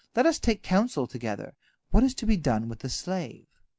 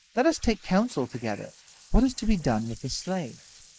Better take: first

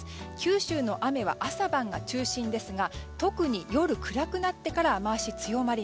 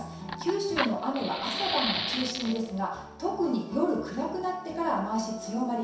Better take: first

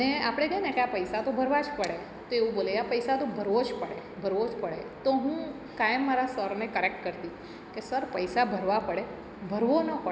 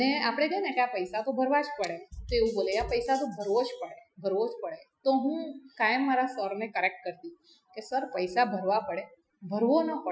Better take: first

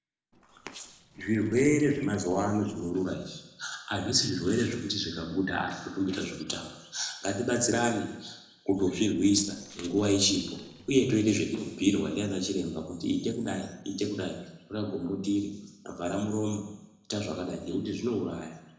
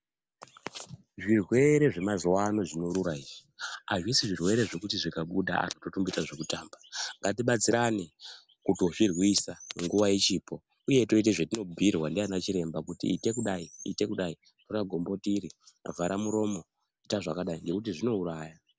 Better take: second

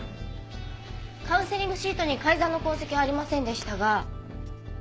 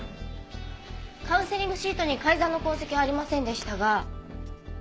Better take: second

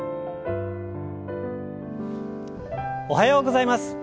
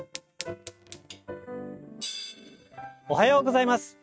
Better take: first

